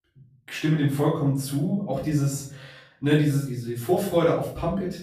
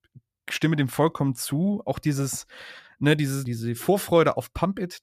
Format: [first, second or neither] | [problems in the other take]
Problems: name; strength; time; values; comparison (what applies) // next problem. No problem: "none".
second | off-mic speech; far // room echo; noticeable; dies away in 0.5 s